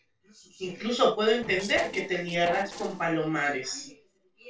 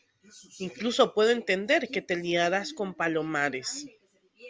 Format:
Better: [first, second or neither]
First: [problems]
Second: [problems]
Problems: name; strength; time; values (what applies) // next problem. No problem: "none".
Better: second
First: noise reduction (neural separator model SepFormer DNS4)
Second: none